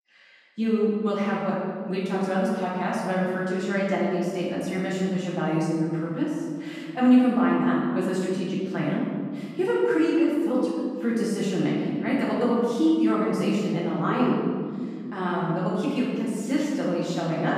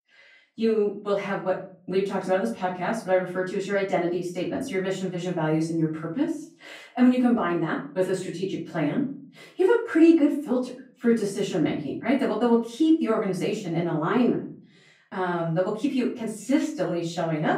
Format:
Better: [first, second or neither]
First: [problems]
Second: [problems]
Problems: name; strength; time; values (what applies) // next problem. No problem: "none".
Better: second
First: room echo; strong; dies away in 2.1 s // off-mic speech; far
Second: room echo; slight; dies away in 0.4 s // off-mic speech; far